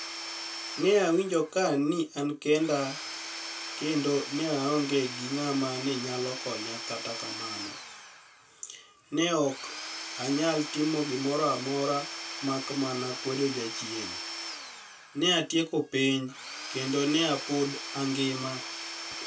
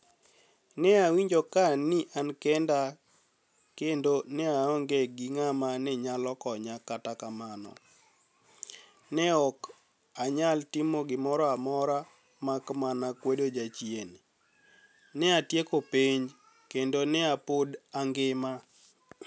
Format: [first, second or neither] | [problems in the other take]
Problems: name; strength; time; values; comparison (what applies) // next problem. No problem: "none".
second | background sound (Tools / Domestic sounds, home sounds); 9 dB below the speech // room echo; dies away in 0.2 s